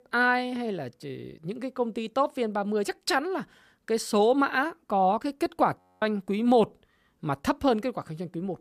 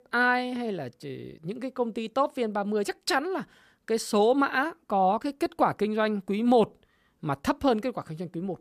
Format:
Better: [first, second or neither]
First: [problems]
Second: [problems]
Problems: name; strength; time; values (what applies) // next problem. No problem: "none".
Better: second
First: audio freezing; at 6 s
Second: none